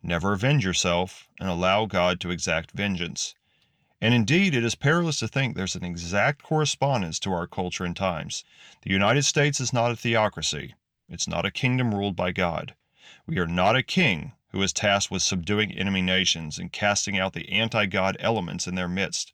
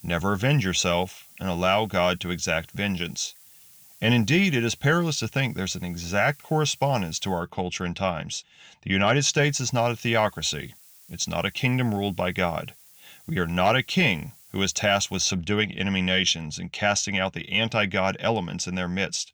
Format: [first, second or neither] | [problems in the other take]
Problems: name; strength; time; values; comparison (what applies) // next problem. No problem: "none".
first | hiss; faint; until 7.5 s and from 9.5 to 15 s; 25 dB below the speech